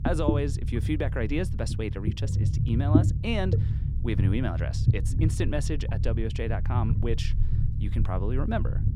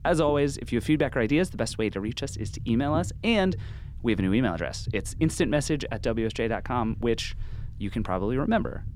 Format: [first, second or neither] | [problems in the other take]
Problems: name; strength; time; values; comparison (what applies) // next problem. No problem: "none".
second | low rumble; loud; throughout; 5 dB below the speech; faint in the second